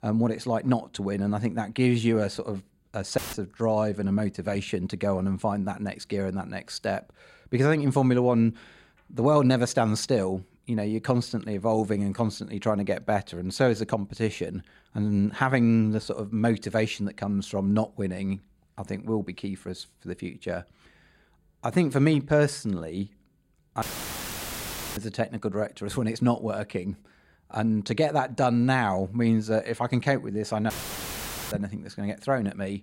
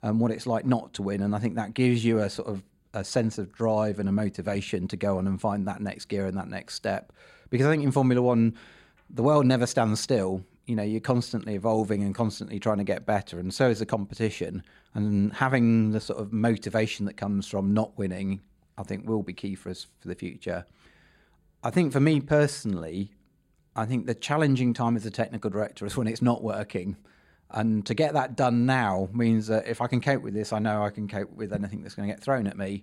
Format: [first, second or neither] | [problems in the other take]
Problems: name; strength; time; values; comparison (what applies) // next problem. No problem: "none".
second | audio cutting out; filled with static; at 3 s, at 24 s for 1 s and at 31 s for 1 s